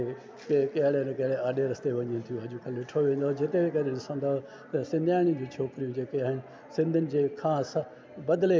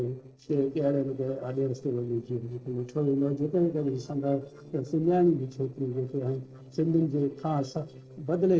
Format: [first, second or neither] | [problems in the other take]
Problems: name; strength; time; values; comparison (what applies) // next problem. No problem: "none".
first | noise reduction (neural separator model SepFormer DNS4)